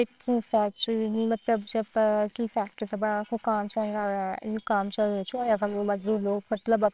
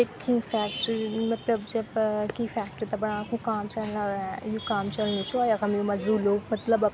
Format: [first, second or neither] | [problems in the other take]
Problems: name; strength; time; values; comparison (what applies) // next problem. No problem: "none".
second | noise reduction (neural separator model SepFormer WHAMR!)